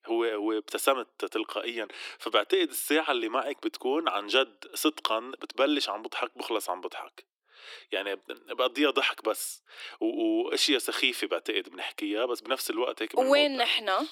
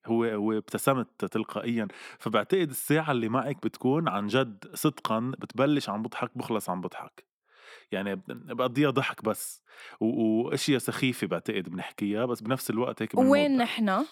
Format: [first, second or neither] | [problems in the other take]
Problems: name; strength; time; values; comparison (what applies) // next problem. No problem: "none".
second | thin; somewhat; fading below 300 Hz